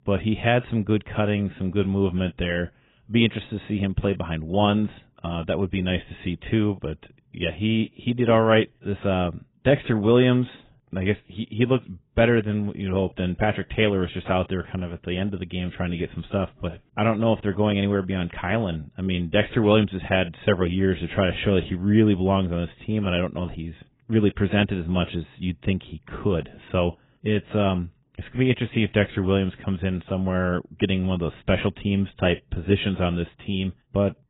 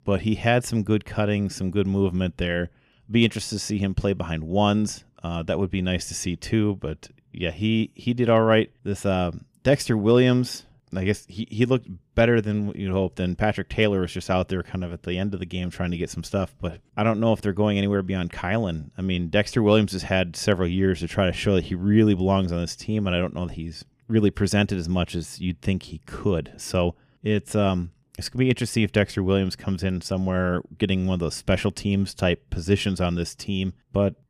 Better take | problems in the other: second | garbled, watery; badly; nothing above 3.5 kHz

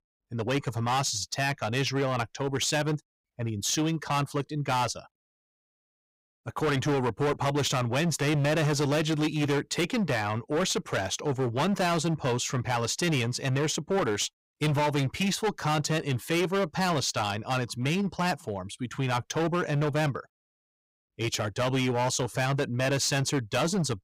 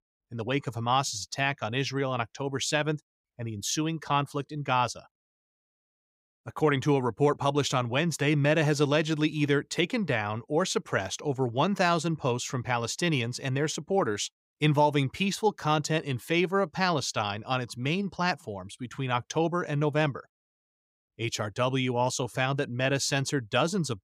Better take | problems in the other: second | distortion; heavy; 16% of the sound clipped

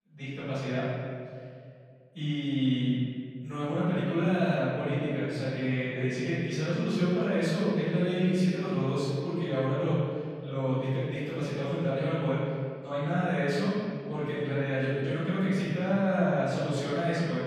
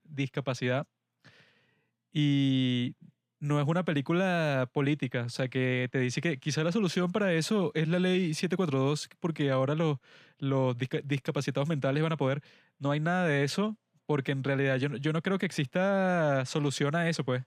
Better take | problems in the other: second | room echo; strong; dies away in 2 s // off-mic speech; far

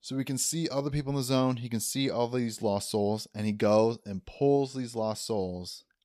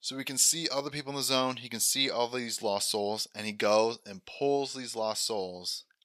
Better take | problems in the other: first | thin; somewhat; fading below 1 kHz

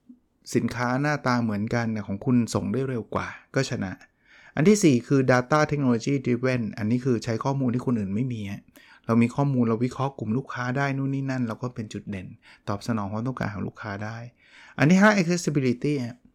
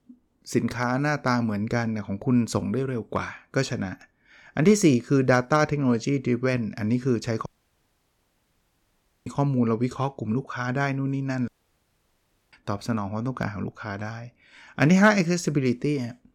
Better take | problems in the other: first | audio cutting out; at 7.5 s for 2 s and at 11 s for 1 s

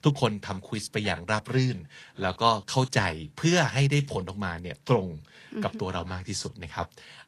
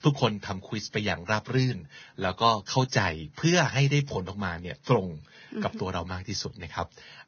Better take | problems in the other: first | garbled, watery; badly; nothing above 6.5 kHz; slightly in the first

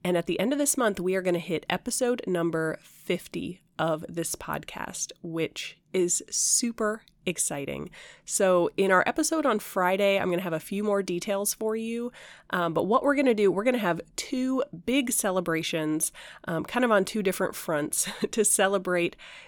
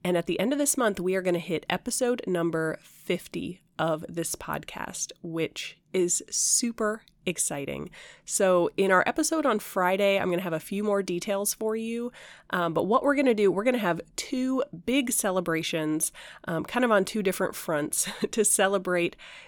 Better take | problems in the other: neither | none

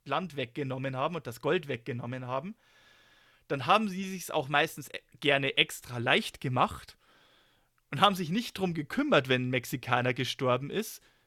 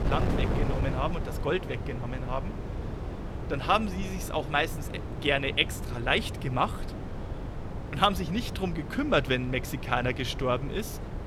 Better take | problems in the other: first | wind noise on the microphone; occasional gusts; 10 dB below the speech

